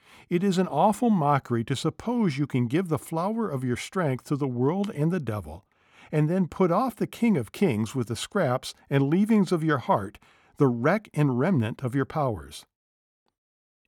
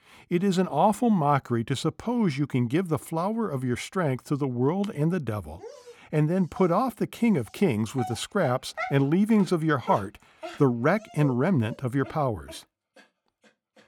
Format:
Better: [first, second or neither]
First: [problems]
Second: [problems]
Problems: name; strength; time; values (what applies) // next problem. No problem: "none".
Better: first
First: none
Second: dog barking; noticeable; from 5.5 to 13 s; peak 8 dB below the speech